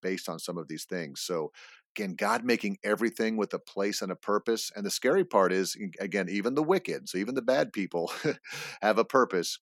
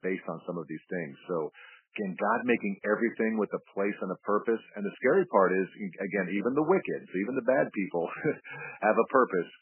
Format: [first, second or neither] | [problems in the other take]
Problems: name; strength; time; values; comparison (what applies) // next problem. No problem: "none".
first | garbled, watery; badly; nothing above 2.5 kHz